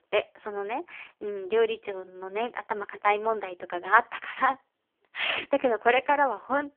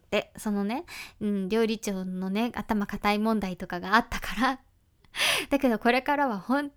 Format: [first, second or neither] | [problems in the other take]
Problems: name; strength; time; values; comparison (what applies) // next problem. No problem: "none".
second | phone-call audio; poor line; nothing above 3.5 kHz